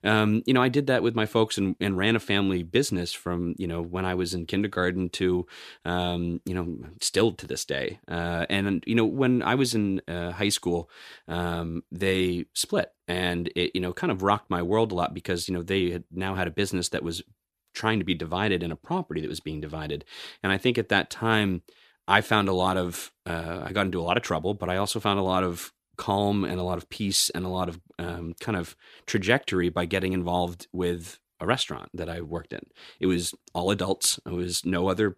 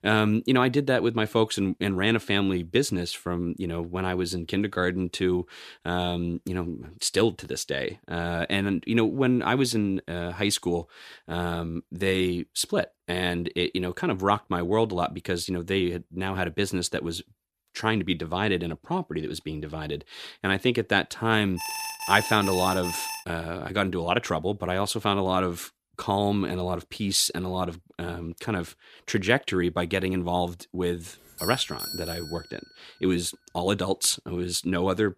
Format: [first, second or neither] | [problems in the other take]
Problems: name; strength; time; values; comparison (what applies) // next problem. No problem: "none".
first | alarm; noticeable; from 22 to 23 s; peak 4 dB below the speech // doorbell; noticeable; from 31 to 33 s; peak 6 dB below the speech